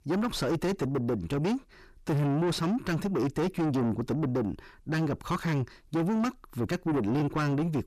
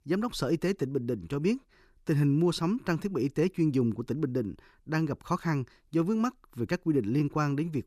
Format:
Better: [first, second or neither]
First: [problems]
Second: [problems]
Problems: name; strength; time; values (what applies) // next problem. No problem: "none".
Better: second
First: distortion; heavy; 7 dB below the speech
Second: none